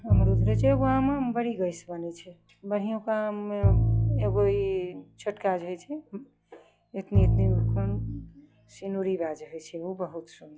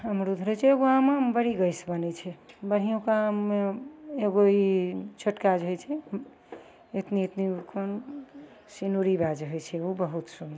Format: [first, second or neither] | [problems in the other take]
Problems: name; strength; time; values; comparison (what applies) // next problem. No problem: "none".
second | noise reduction (classical method log-MMSE)